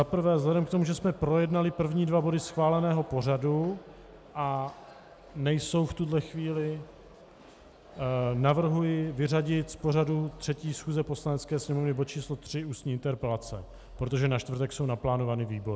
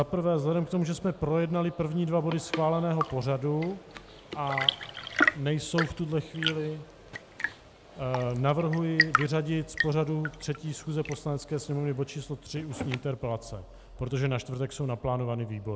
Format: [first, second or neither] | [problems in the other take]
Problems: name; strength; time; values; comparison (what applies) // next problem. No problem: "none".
first | background sound (Tap / Fill (with liquid) / Trickle, dribble / Chirp, tweet / Engine); 6 dB below the speech